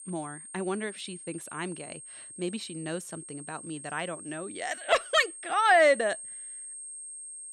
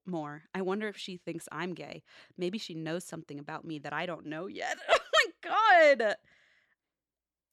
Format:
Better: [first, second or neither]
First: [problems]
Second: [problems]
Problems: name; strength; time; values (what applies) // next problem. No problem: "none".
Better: second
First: high-pitched whine; noticeable; throughout; 8.5 kHz, 15 dB below the speech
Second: none